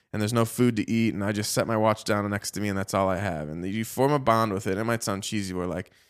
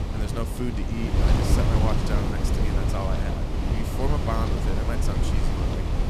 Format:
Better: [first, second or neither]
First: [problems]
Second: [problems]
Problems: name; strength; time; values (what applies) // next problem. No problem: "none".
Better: first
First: none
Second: wind noise on the microphone; heavy; 1 dB above the speech